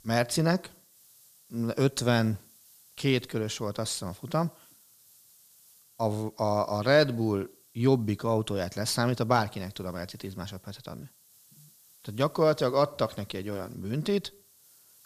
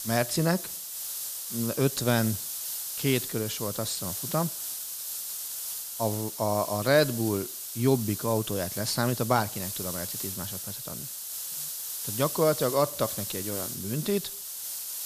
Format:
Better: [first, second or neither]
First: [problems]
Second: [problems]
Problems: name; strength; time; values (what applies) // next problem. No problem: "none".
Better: first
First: hiss; faint; throughout; 25 dB below the speech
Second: hiss; loud; throughout; 4 dB below the speech